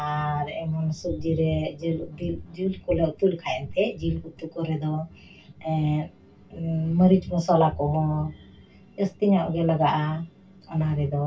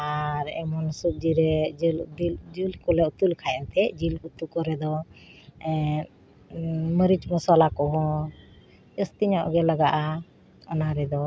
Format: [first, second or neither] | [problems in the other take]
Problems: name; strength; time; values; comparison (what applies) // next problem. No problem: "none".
second | room echo; dies away in 0.1 s